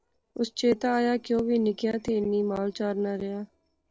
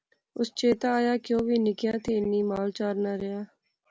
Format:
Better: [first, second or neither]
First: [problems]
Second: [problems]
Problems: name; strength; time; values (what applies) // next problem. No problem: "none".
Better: second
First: noise reduction (neural separator model SepFormer DNS4)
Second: none